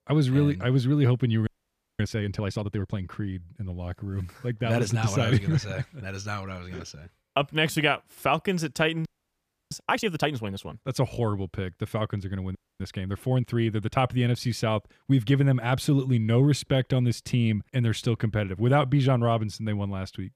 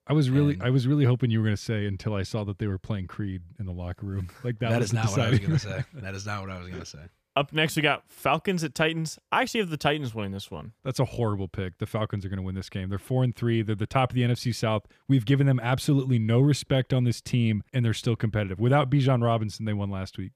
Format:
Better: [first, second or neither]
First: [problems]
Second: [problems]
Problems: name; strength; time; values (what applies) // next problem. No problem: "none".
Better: second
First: audio freezing; at 1.5 s for 0.5 s, at 9 s for 0.5 s and at 13 s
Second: none